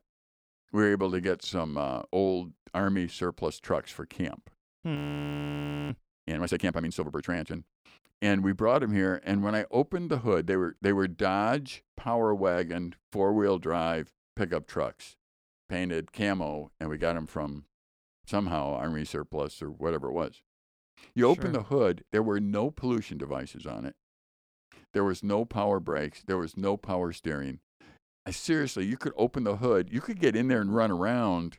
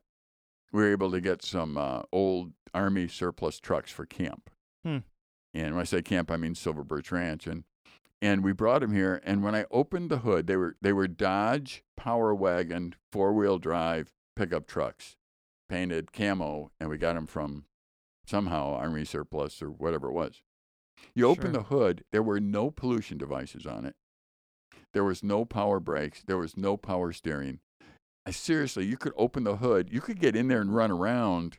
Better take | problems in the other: second | audio freezing; at 5 s for 1 s

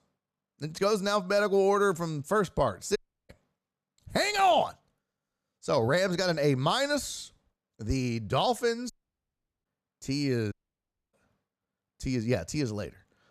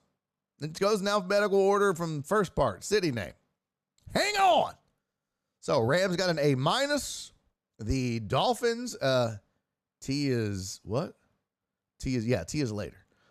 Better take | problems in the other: second | audio cutting out; at 3 s, at 9 s for 1 s and at 11 s for 0.5 s

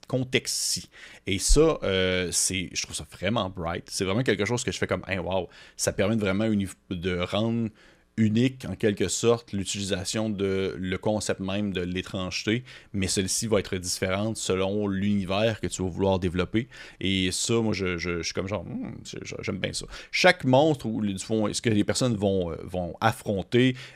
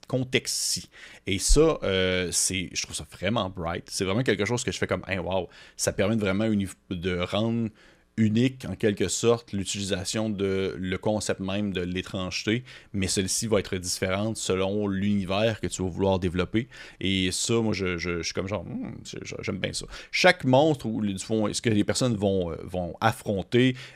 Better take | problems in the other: neither | none

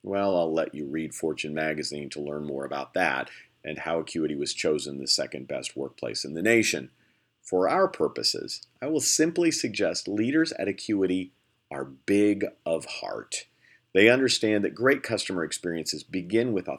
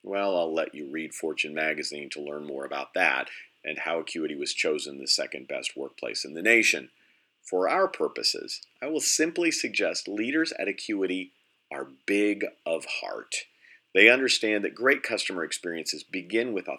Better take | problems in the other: first | thin; very slightly; fading below 300 Hz

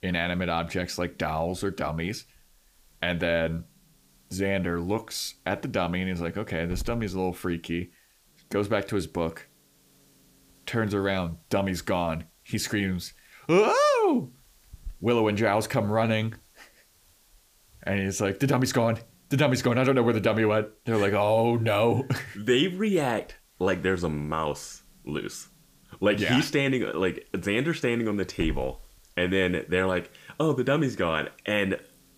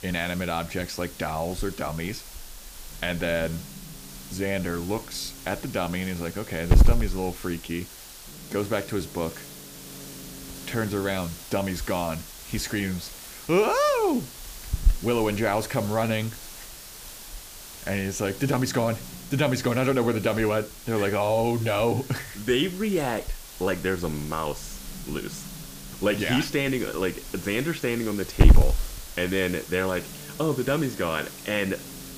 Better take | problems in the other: first | hiss; loud; throughout; 6 dB below the speech; faint in the first

